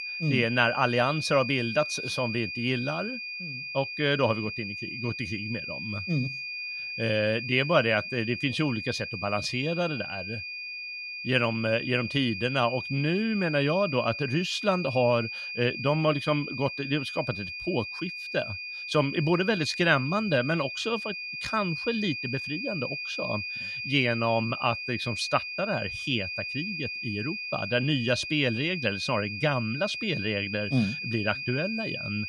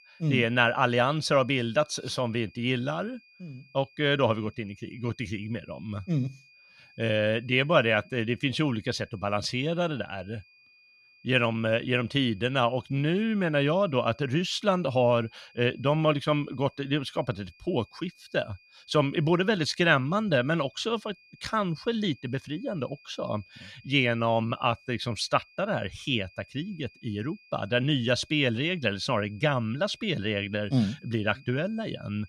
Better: second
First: high-pitched whine; loud; throughout; 2.5 kHz, 5 dB below the speech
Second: high-pitched whine; faint; throughout; 2.5 kHz, 30 dB below the speech

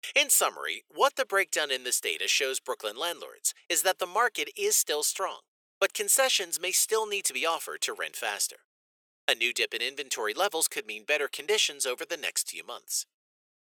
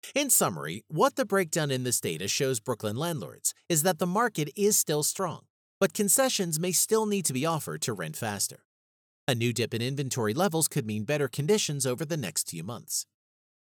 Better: second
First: thin; very; fading below 400 Hz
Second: none

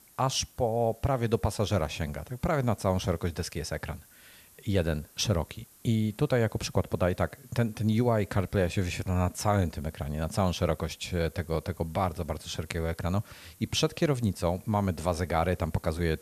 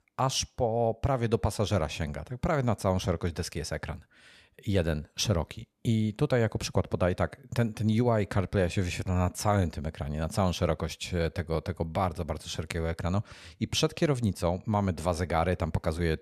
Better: second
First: hiss; faint; throughout; 25 dB below the speech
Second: none

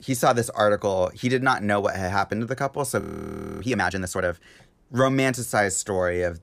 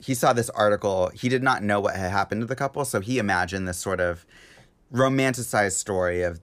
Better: second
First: audio freezing; at 3 s for 0.5 s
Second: none

